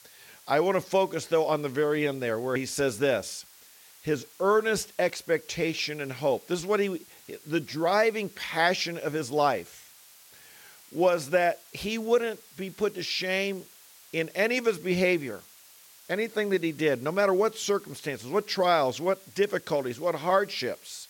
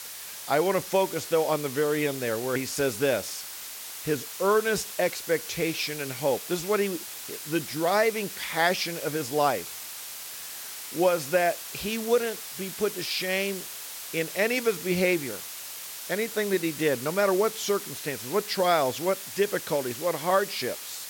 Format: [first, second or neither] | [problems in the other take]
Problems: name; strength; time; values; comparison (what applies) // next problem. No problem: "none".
first | hiss; loud; throughout; 9 dB below the speech; faint in the first